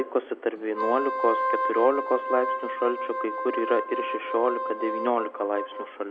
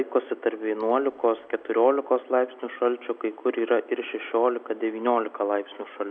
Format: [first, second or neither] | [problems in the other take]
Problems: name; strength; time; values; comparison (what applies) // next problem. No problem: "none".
second | background sound (Wind instrument, woodwind instrument); 3 dB below the speech